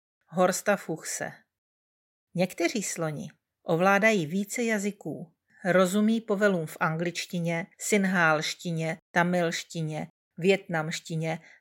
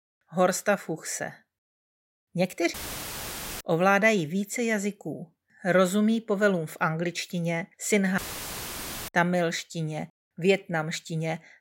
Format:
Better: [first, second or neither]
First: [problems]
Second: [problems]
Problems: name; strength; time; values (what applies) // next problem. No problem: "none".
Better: first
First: none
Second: audio cutting out; filled with static; at 2.5 s for 1 s and at 8 s for 1 s